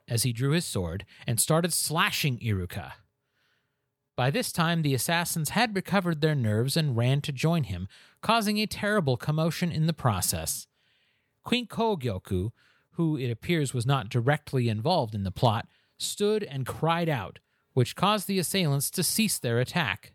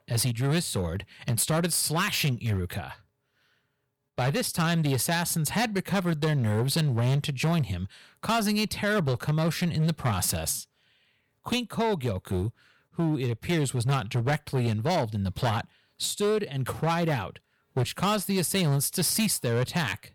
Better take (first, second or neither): first